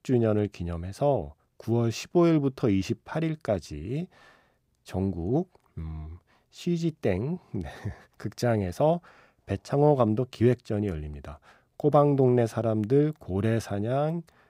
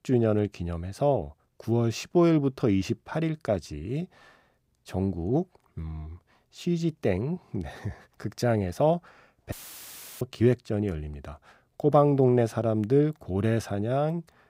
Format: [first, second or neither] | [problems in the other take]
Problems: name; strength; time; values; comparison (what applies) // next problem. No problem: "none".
first | audio cutting out; filled with static; at 9.5 s for 0.5 s